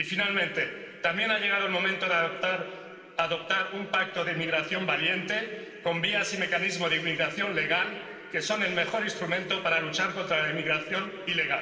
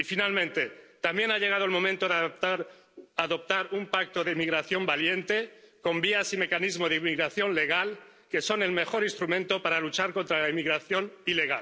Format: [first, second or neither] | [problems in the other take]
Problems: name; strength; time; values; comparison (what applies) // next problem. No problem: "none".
second | room echo; dies away in 2.3 s